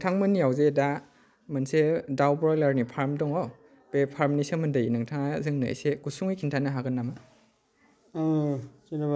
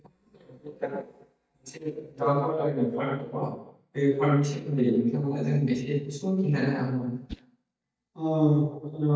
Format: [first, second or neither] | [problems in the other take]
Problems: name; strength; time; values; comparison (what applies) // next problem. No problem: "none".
first | noise reduction (neural mask model DeepFilterNet 3)